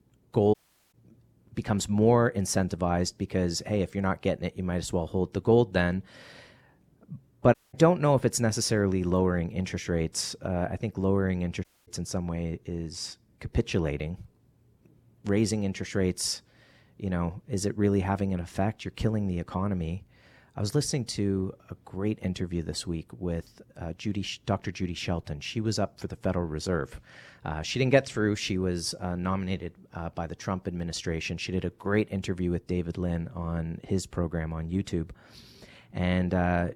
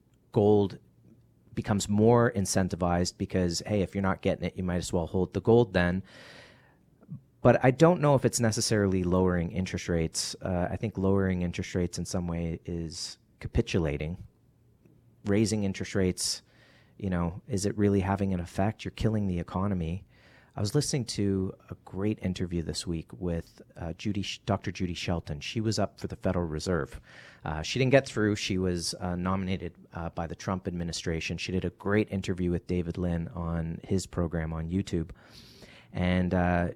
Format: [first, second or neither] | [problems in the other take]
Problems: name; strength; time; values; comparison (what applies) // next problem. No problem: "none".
second | audio cutting out; at 0.5 s, at 7.5 s and at 12 s